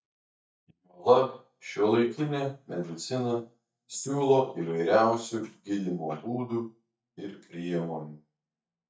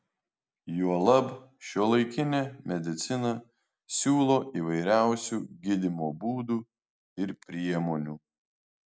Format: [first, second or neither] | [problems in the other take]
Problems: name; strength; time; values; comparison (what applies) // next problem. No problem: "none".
second | noise reduction (neural mask model DeepFilterNet 3)